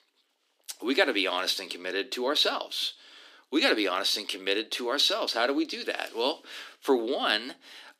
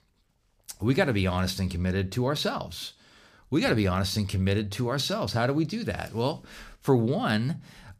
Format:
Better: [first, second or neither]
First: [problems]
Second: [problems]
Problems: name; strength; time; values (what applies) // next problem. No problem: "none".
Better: second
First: thin; somewhat; fading below 300 Hz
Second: none